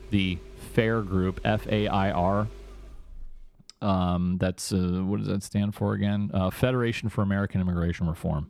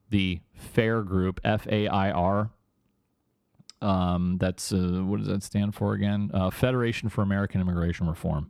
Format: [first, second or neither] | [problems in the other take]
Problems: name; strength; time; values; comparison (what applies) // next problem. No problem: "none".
second | traffic noise; noticeable; throughout; 20 dB below the speech